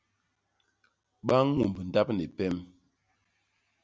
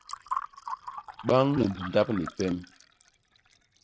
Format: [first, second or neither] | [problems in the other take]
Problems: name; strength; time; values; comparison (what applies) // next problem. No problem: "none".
first | noise reduction (neural mask model RNNoise)